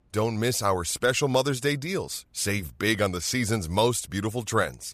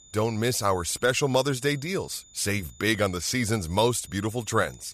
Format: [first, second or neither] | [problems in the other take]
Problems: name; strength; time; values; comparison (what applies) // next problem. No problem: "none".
first | high-pitched whine; faint; throughout; 7 kHz, 25 dB below the speech